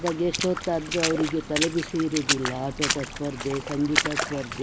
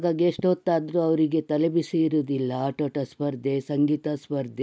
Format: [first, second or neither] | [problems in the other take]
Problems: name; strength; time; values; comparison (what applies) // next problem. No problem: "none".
second | background sound (Water / Splash, splatter); 3 dB below the speech